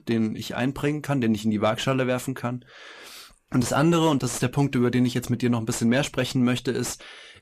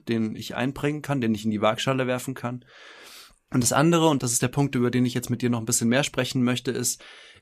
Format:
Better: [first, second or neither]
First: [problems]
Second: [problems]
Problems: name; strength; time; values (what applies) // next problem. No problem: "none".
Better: second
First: distortion; slight; 10 dB below the speech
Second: none